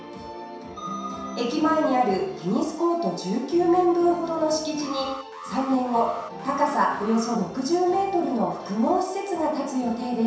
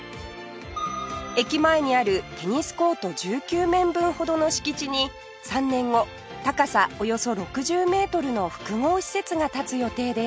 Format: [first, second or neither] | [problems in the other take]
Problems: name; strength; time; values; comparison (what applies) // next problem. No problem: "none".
second | background sound (Alarm); 16 dB below the speech // room echo; dies away in 0.7 s